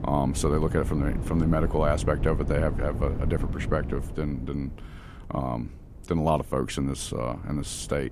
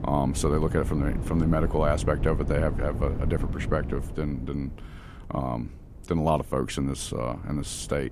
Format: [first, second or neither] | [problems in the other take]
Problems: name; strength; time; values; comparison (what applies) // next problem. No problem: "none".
neither | wind noise on the microphone; occasional gusts; 15 dB below the speech; the same in both